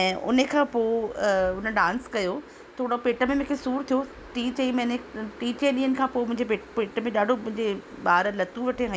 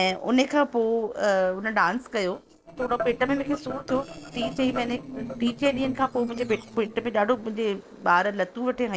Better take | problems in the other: first | noise reduction (neural separator model SepFormer DNS4)

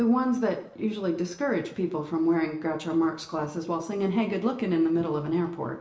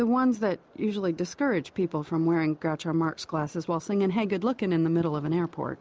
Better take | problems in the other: second | room echo; dies away in 0.6 s

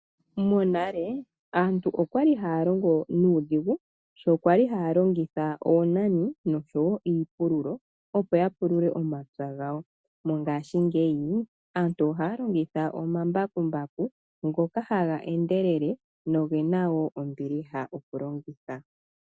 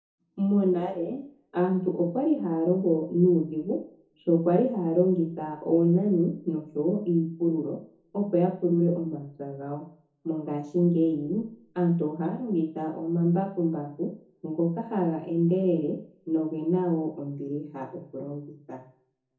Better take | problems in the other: first | room echo; dies away in 0.5 s

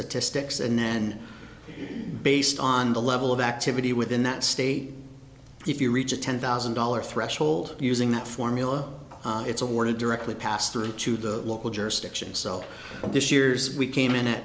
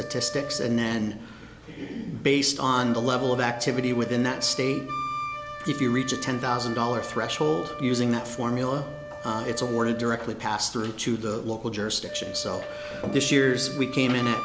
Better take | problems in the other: first | background sound (Wind instrument, woodwind instrument); 11 dB below the speech

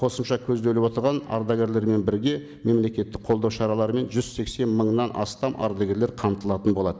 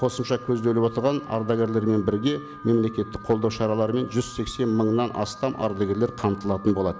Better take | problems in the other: first | background sound (Alarm); 18 dB below the speech

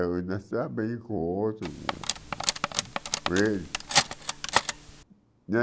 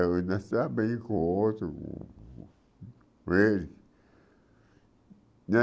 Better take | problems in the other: second | background sound (Cutlery, silverware); 1 dB above the speech

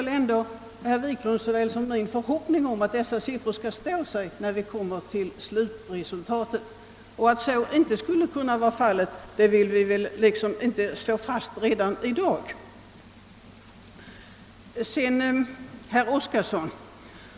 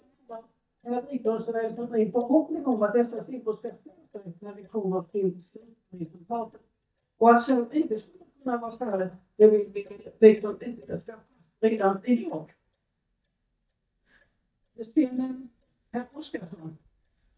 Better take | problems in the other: first | noise reduction (neural mask model DeepFilterNet 3)

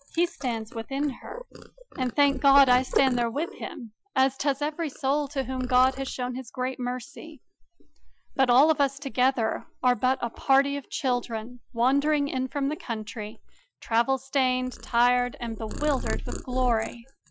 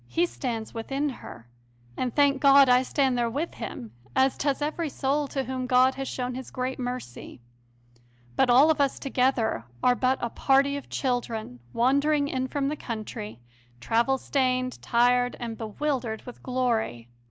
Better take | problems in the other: second | noise reduction (classical method Wiener filter)

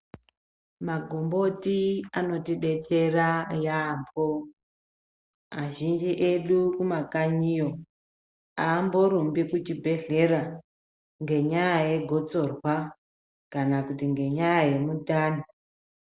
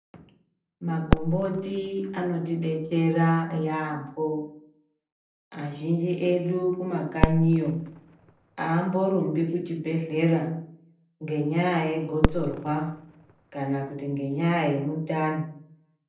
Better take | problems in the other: first | background sound (Fireworks); 4 dB below the speech // room echo; dies away in 0.6 s

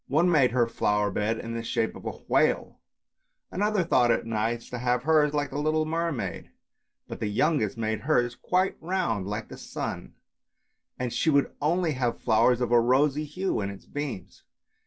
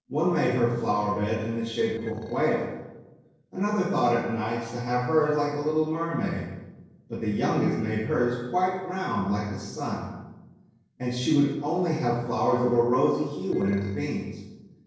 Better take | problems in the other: first | noise reduction (neural separator model SepFormer DNS4)

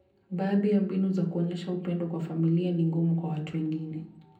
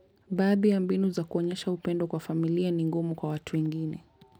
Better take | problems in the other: second | room echo; dies away in 0.6 s

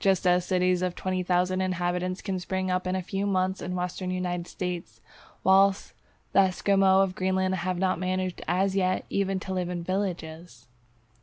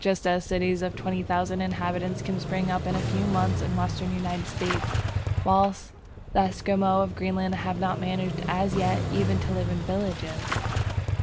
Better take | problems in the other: first | background sound (Engine starting / Motorcycle); 3 dB below the speech

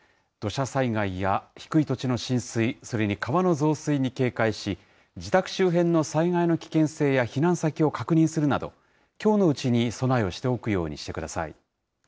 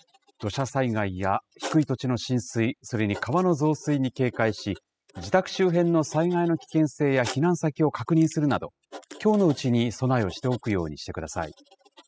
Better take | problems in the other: first | noise reduction (classical method spectral subtraction)

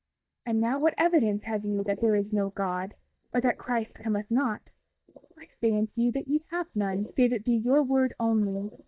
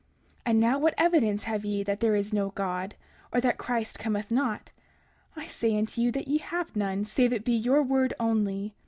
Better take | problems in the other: second | noise reduction (neural mask model DeepFilterNet 3)

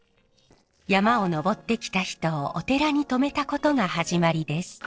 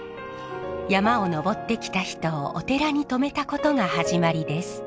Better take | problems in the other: second | noise reduction (neural separator model SepFormer DNS4)

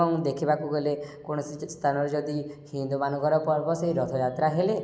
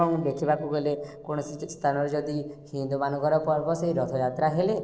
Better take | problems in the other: first | noise reduction (neural separator model SepFormer DNS4)

